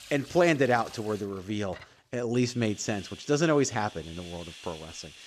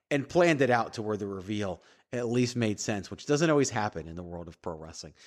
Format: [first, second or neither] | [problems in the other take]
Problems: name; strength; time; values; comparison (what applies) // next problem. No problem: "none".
second | household noises; noticeable; throughout; 20 dB below the speech